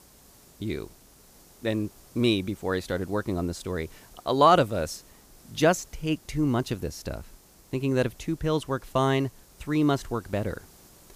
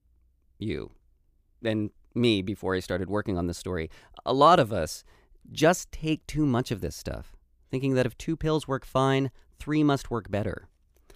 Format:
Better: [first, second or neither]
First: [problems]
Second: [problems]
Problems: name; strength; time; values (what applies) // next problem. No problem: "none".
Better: second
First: hiss; faint; throughout; 25 dB below the speech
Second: none